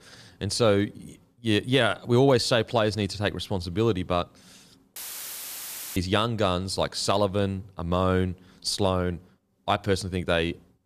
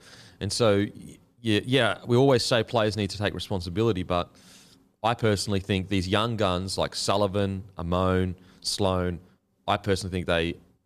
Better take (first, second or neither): second